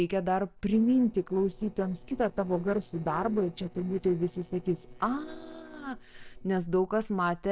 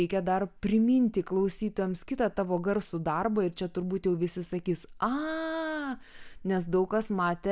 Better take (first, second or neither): second